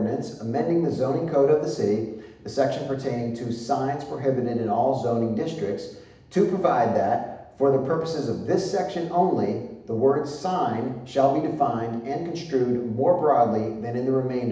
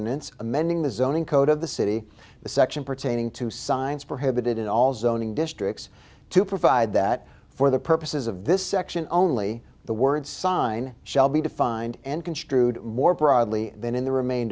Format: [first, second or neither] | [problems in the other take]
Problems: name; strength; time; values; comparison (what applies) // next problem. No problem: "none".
second | room echo; dies away in 0.8 s